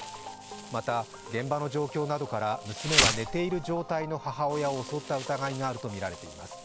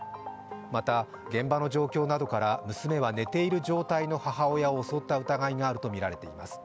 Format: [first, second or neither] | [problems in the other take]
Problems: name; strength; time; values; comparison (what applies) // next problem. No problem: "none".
second | background sound (Insect); 4 dB below the speech